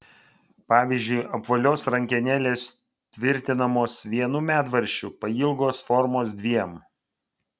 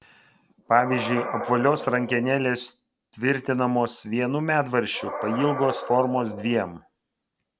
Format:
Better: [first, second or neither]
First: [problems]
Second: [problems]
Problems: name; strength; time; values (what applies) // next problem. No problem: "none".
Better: first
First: none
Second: background sound (Animal); 11 dB below the speech